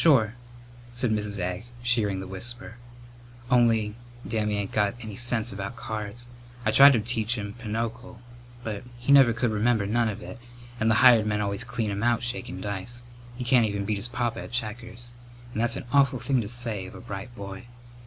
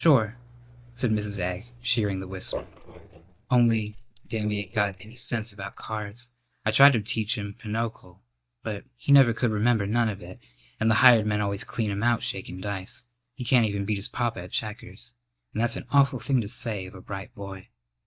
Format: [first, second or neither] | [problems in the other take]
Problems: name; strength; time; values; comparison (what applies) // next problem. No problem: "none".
first | noise reduction (neural mask model DeepFilterNet 3)